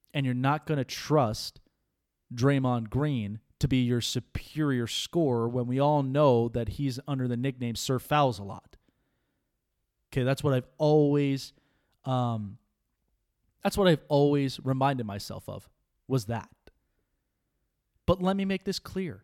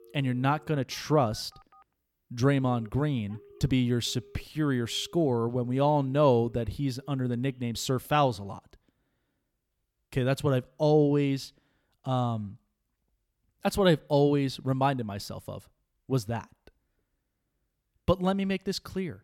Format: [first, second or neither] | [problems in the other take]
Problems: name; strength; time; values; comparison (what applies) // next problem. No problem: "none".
first | alarms or sirens; faint; until 8.5 s; 30 dB below the speech